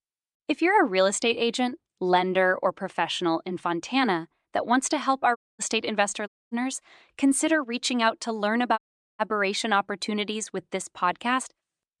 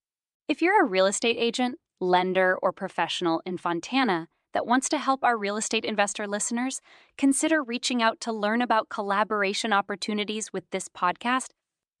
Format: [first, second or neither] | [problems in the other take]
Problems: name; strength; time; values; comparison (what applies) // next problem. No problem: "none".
second | audio cutting out; at 5.5 s, at 6.5 s and at 9 s